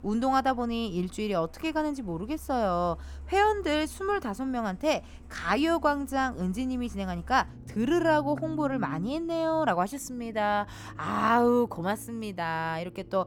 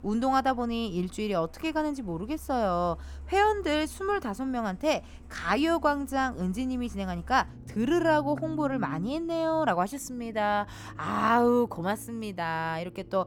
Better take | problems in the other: neither | traffic noise; noticeable; throughout; 15 dB below the speech; the same in both

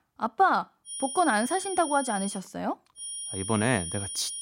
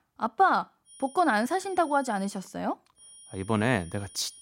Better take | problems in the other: second | high-pitched whine; loud; from 1 to 2.5 s and from 3 s on; 9.5 kHz, 7 dB below the speech; faint in the second

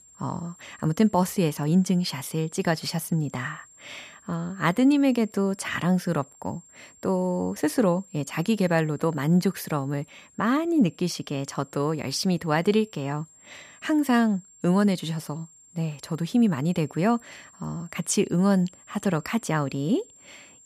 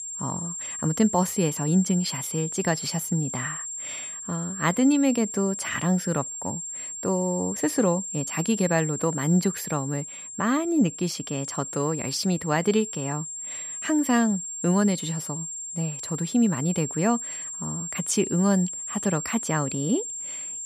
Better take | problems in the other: first | high-pitched whine; loud; throughout; 7.5 kHz, 6 dB below the speech; faint in the first

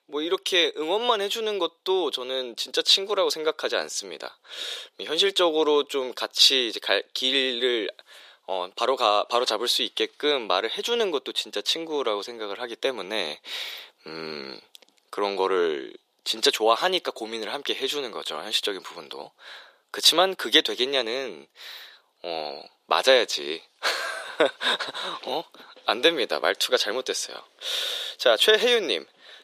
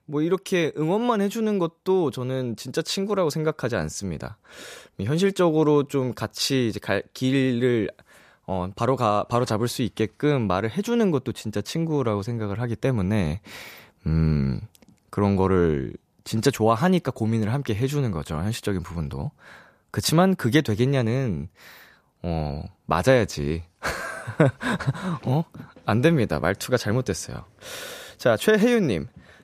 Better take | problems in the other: second | thin; very; fading below 400 Hz

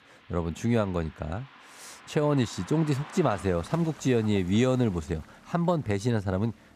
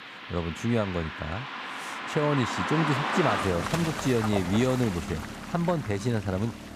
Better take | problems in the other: first | traffic noise; loud; throughout; 4 dB below the speech; faint in the first

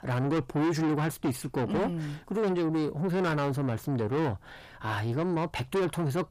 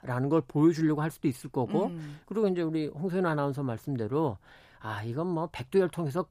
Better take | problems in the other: second | distortion; heavy; 7 dB below the speech

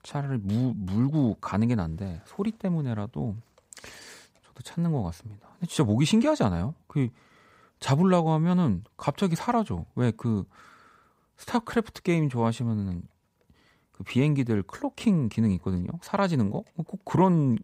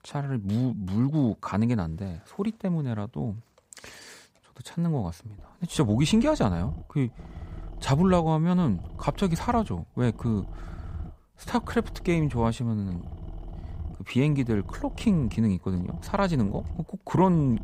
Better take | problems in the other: first | low rumble; faint; from 5.5 s on; 20 dB below the speech

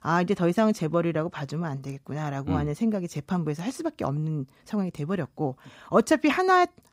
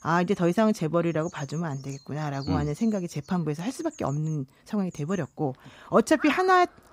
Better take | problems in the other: first | animal sounds; faint; throughout; 20 dB below the speech

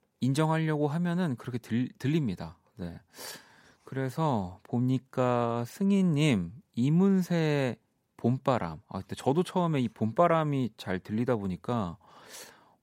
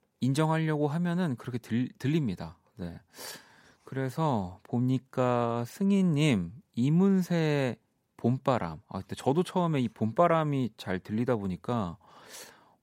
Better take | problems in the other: neither | none

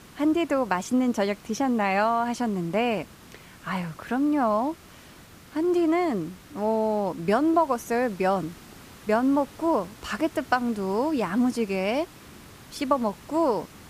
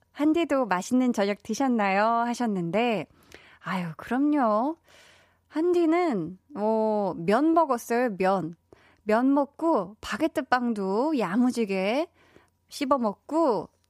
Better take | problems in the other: second | hiss; faint; throughout; 20 dB below the speech

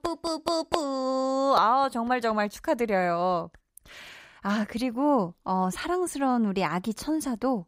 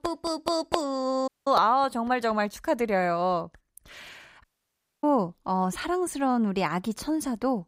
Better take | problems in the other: first | audio cutting out; at 1.5 s and at 4.5 s for 0.5 s

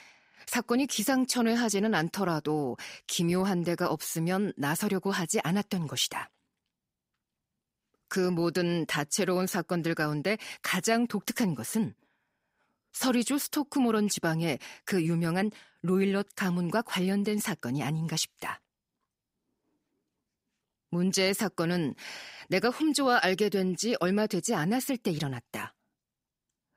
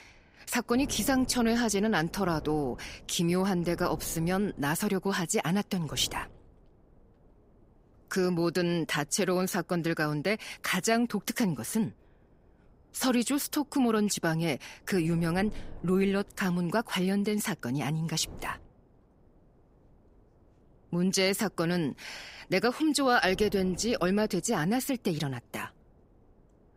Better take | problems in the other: first | wind noise on the microphone; occasional gusts; 25 dB below the speech

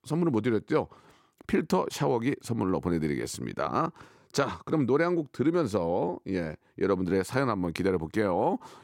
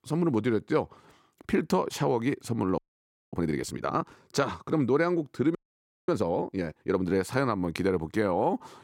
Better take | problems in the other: first | audio freezing; at 3 s for 0.5 s and at 5.5 s for 0.5 s

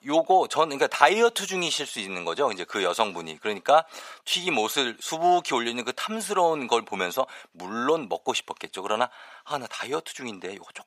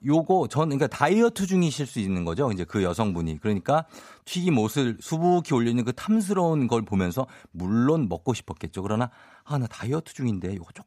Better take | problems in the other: second | thin; very; fading below 600 Hz

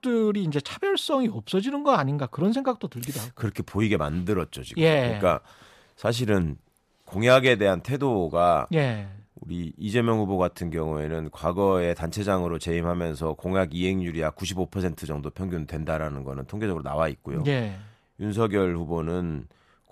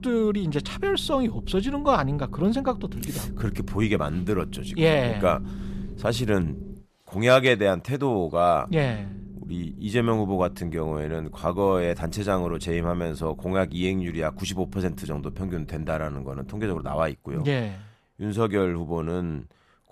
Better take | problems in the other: first | low rumble; faint; until 7 s and from 8.5 to 17 s; 20 dB below the speech

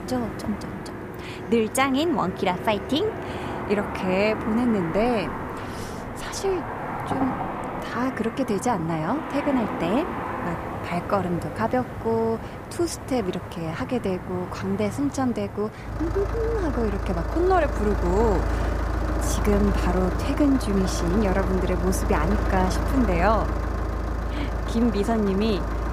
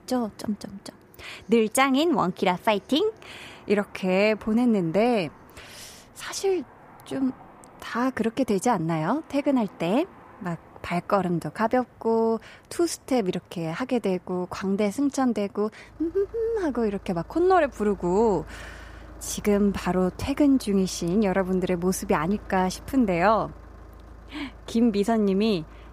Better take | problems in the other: second | traffic noise; loud; throughout; 4 dB below the speech; faint in the second

